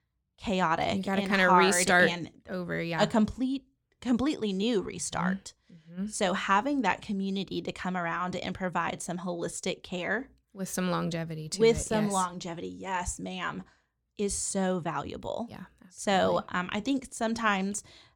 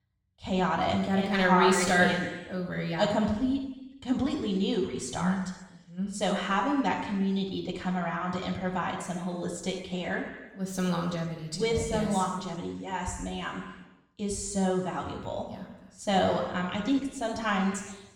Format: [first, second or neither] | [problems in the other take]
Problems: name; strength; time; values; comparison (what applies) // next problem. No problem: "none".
first | room echo; noticeable; dies away in 1.1 s // off-mic speech; somewhat distant